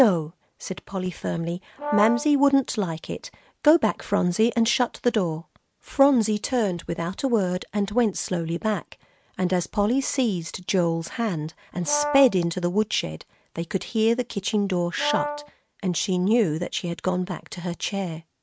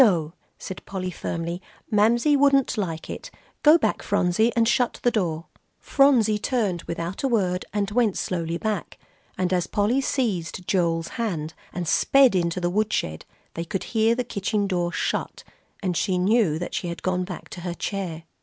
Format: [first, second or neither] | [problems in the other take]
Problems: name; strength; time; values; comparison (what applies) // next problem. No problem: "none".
second | noise reduction (neural mask model RNNoise)